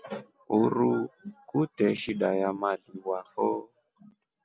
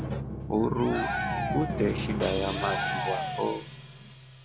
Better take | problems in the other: first | background sound (Cheering + Drum); 1 dB below the speech

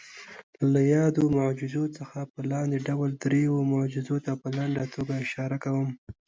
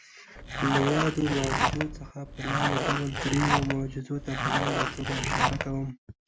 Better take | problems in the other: first | background sound (Zipper (clothing)); 2 dB above the speech

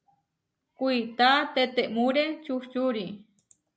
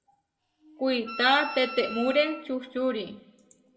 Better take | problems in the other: first | background sound (Wind instrument, woodwind instrument); 12 dB below the speech // room echo; dies away in 0.8 s

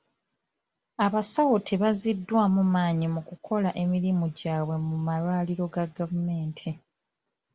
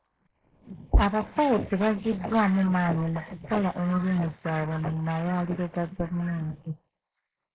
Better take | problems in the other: first | noise reduction (neural mask model Resemble Enhance denoiser)

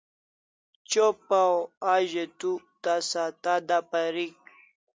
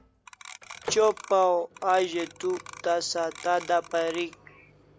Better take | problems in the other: first | background sound (Microwave oven + Clock); 17 dB below the speech

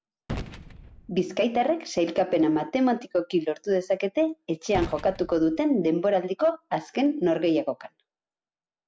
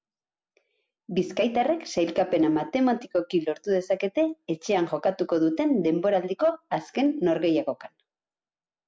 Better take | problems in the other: second | background sound (Gunshot, gunfire); 16 dB below the speech

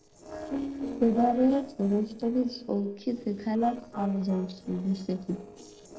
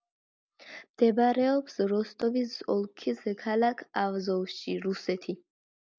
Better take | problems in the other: second | noise reduction (neural separator model SepFormer DNS4)

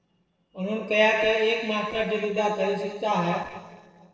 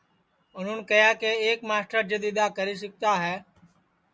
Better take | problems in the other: second | noise reduction (neural separator model SepFormer DNS4)

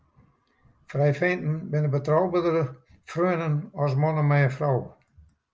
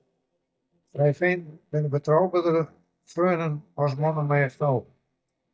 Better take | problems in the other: first | noise reduction (neural mask model DeepFilterNet 3)

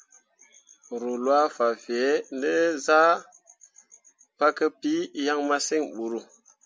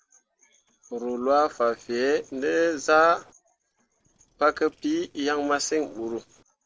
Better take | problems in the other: first | noise reduction (neural separator model SepFormer DNS4)

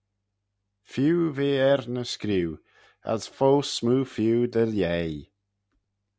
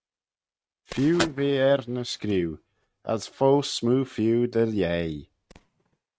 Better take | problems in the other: first | noise reduction (neural mask model RNNoise)

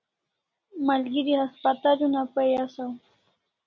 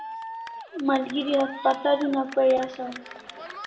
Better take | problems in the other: first | background sound (Cheering); 14 dB below the speech // room echo; dies away in 0.8 s

